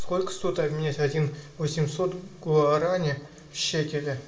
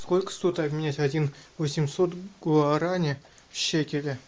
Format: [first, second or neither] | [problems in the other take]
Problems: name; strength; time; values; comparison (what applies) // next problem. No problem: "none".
second | room echo; dies away in 1.2 s